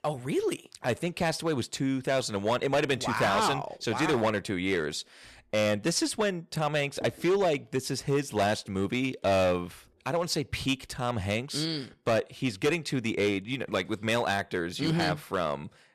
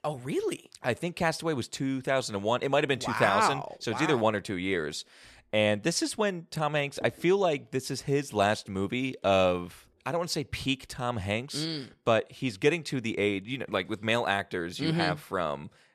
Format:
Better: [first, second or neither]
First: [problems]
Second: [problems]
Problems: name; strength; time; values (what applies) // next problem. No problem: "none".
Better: second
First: distortion; slight; 6% of the sound clipped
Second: none